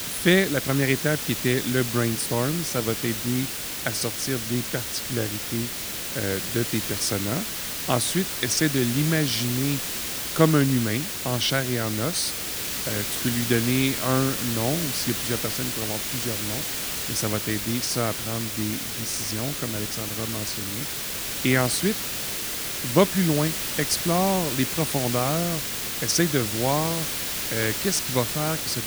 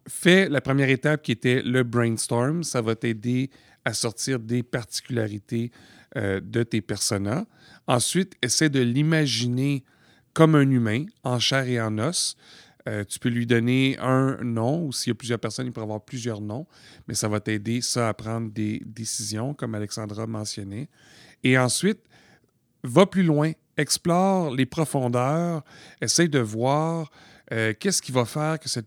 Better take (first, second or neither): second